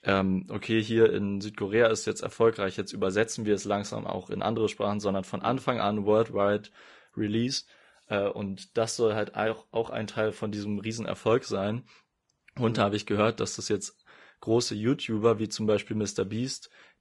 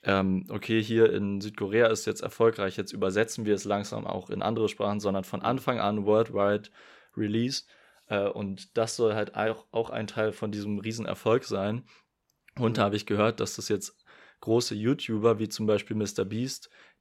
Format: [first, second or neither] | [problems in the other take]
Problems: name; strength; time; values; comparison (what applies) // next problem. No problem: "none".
second | garbled, watery; slightly; nothing above 10.5 kHz